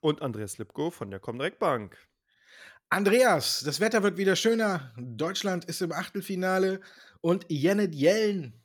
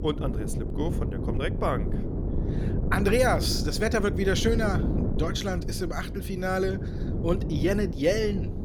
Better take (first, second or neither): first